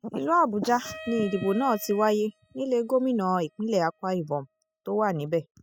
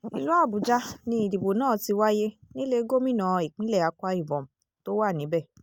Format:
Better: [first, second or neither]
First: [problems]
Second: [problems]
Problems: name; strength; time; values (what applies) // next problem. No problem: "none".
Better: second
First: noise reduction (classical method spectral subtraction)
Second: none